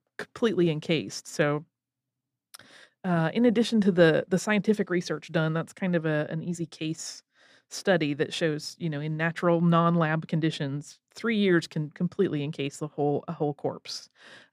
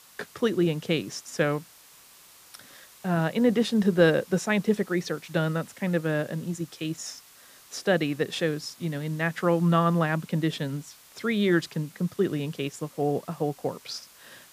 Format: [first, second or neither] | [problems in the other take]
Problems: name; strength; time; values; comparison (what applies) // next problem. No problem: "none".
first | hiss; faint; throughout; 25 dB below the speech